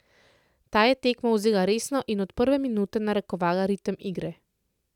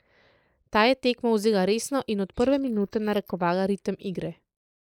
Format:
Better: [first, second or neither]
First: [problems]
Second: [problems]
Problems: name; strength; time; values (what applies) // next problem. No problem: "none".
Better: first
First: none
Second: noise reduction (neural mask model Resemble Enhance denoiser)